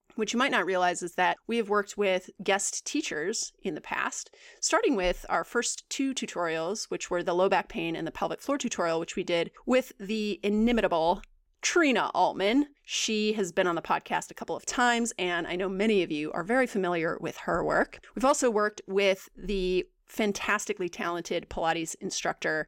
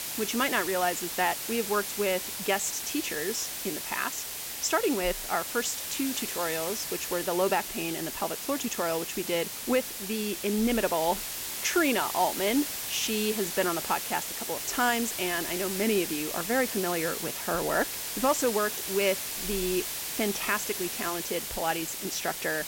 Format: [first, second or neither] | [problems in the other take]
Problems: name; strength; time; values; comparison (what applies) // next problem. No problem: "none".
first | hiss; loud; throughout; 3 dB below the speech